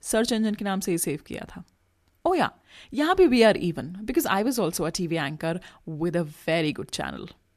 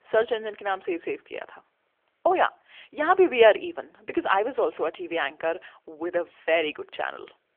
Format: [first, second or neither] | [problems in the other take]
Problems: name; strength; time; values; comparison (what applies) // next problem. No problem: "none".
first | phone-call audio; nothing above 3 kHz